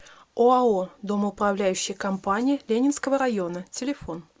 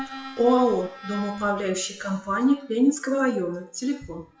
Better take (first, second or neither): first